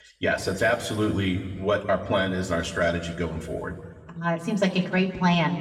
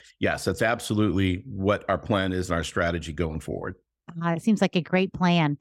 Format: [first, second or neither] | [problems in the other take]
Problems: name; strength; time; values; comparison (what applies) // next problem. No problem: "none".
second | room echo; noticeable; dies away in 1.3 s // off-mic speech; somewhat distant